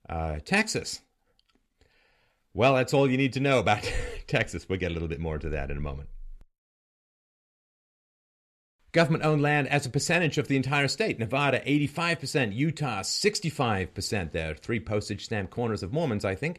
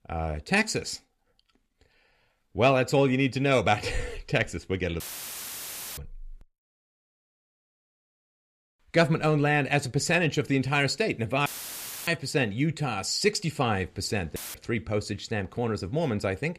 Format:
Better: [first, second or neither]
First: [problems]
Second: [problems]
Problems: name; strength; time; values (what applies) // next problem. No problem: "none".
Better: first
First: none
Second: audio cutting out; filled with static; at 5 s for 1 s, at 11 s for 0.5 s and at 14 s